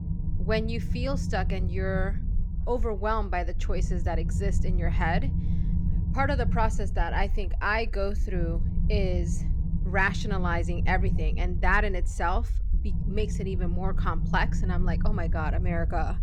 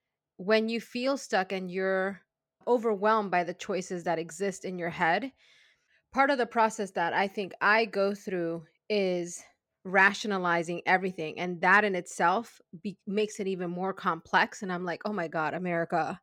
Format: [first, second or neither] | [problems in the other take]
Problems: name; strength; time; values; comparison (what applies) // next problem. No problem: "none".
second | low rumble; noticeable; throughout; 15 dB below the speech